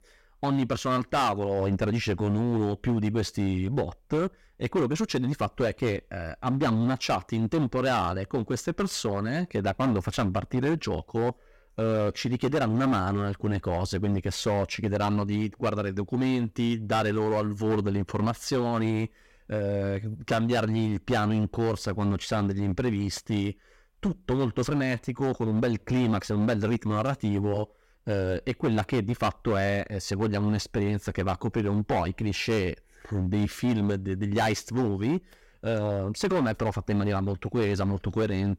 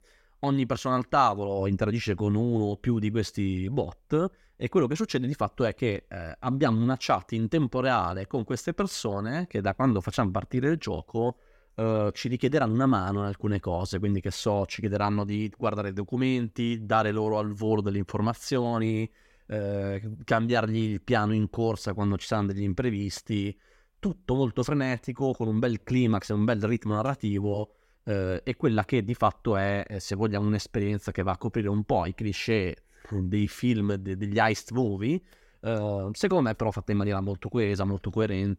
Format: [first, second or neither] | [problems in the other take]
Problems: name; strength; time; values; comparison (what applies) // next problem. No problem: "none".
second | distortion; slight; 11% of the sound clipped